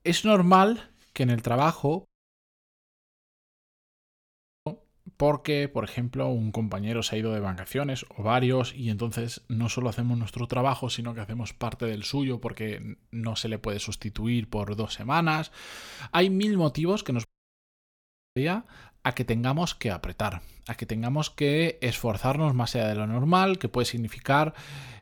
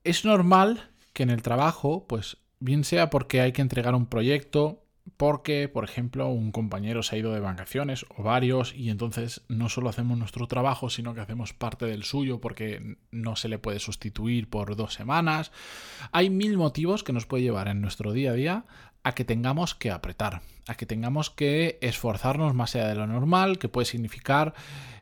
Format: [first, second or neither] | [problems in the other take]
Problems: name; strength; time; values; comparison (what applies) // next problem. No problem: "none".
second | audio cutting out; at 2 s for 2.5 s and at 17 s for 1 s